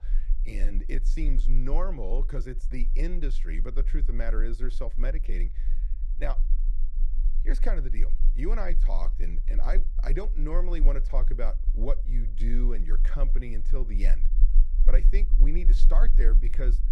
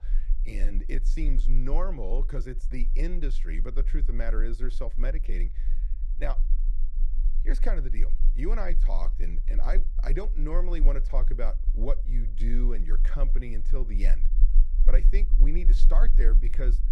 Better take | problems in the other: neither | low rumble; noticeable; throughout; 15 dB below the speech; the same in both

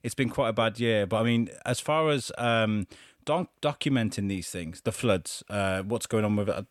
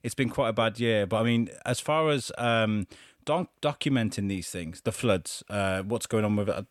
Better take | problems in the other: neither | none

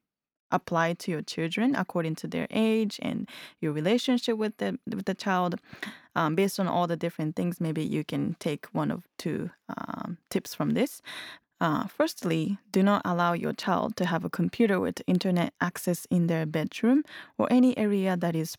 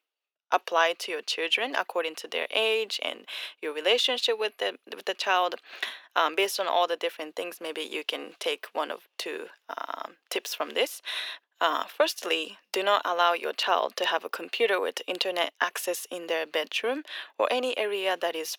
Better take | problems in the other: first | thin; very; fading below 400 Hz

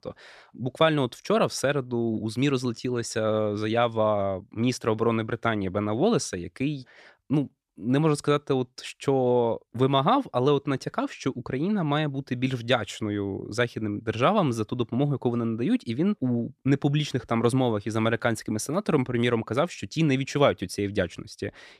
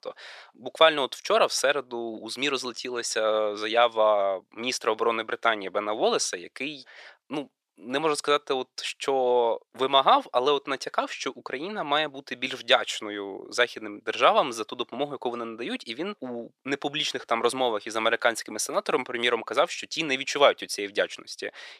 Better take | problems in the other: first | thin; very; fading below 600 Hz

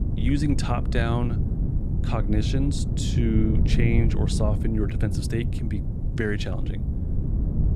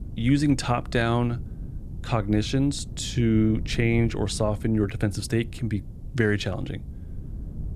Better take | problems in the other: second | wind noise on the microphone; heavy; 6 dB below the speech; occasional gusts in the second

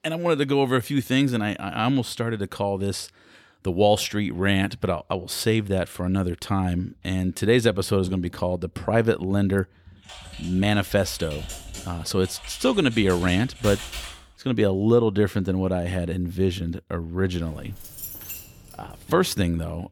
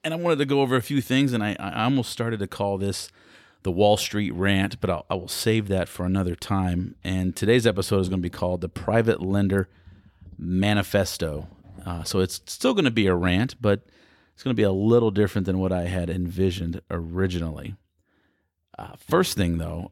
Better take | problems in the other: second | keyboard typing; noticeable; from 10 to 14 s; peak 8 dB below the speech // jangling keys; noticeable; from 17 to 19 s; peak 9 dB below the speech

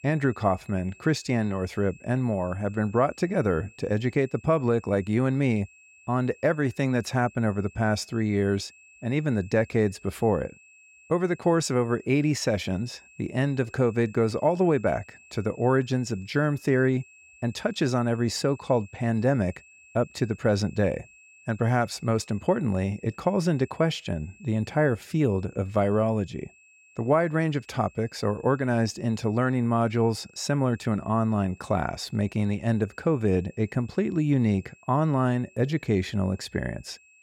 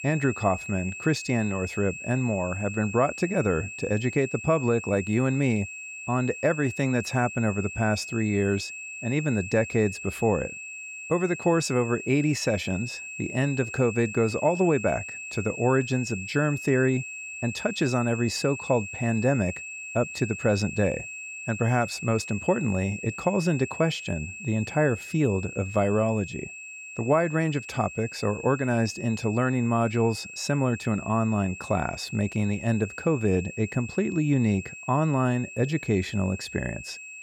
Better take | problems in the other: first | high-pitched whine; loud; throughout; 2.5 kHz, 10 dB below the speech; faint in the first

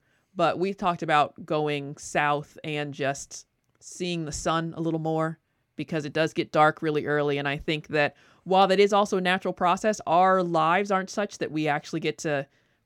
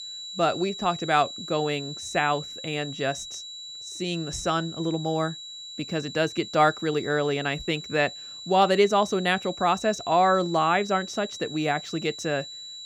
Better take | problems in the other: first | high-pitched whine; noticeable; throughout; 4 kHz, 10 dB below the speech

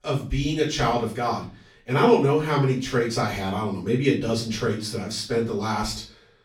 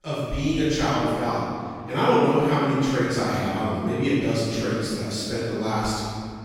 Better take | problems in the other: first | room echo; strong; dies away in 1.9 s; slight in the first // off-mic speech; far; far in the first

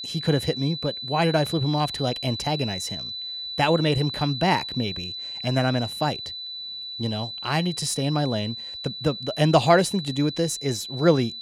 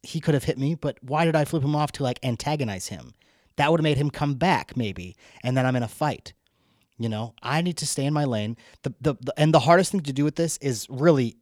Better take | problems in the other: second | high-pitched whine; loud; throughout; 4 kHz, 7 dB below the speech

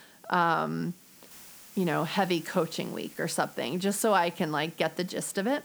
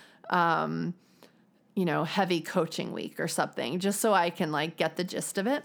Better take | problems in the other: second | hiss; faint; throughout; 20 dB below the speech

